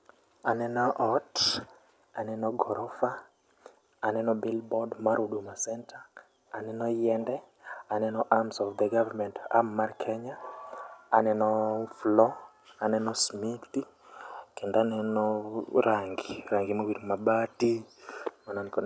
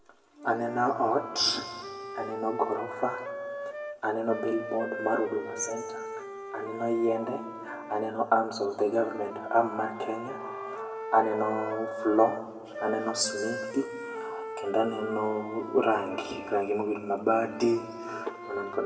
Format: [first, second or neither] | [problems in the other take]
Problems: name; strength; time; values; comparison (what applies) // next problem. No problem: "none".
first | background sound (Wind instrument, woodwind instrument); 10 dB below the speech // room echo; dies away in 1.4 s